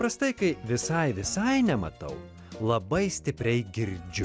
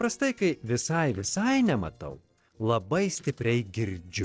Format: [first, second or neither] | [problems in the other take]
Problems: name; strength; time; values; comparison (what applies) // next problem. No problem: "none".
first | noise reduction (neural separator model SepFormer DNS4)